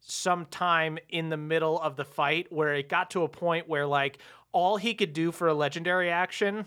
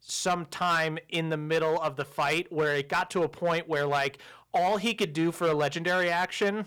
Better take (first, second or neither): first